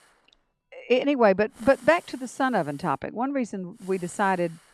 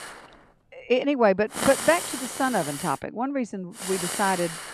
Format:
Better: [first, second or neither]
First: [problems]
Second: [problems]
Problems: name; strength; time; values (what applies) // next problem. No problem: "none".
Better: first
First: hiss; faint; at the start, from 1.5 to 3 s and at 4 s; 25 dB below the speech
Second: hiss; loud; at the start, from 1.5 to 3 s and at 4 s; 6 dB below the speech